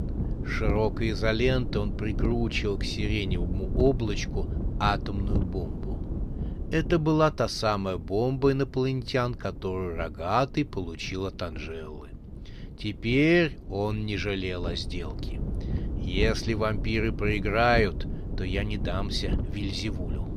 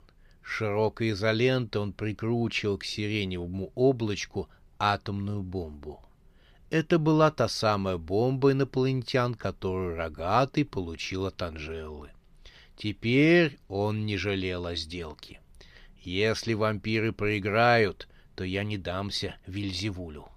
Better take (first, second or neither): second